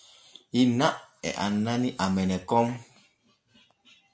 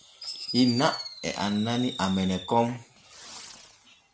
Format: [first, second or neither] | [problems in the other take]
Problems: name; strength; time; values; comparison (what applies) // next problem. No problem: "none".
first | background sound (Fireworks); 11 dB below the speech